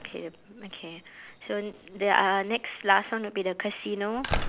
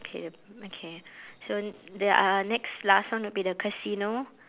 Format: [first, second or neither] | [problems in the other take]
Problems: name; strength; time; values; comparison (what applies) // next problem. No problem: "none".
second | background sound (Slam); 9 dB below the speech